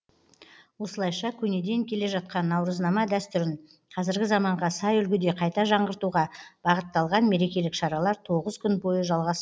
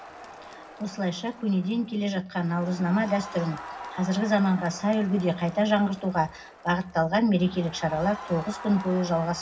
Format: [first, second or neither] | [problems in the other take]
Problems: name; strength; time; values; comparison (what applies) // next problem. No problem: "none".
first | background sound (Crowd); 16 dB below the speech // room echo; dies away in 0.4 s